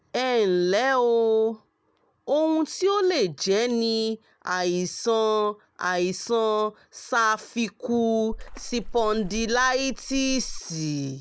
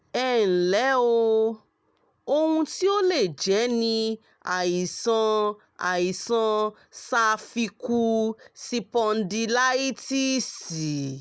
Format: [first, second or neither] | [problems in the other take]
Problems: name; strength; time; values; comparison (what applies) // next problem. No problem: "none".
second | background sound (Water / Splash, splatter); 11 dB below the speech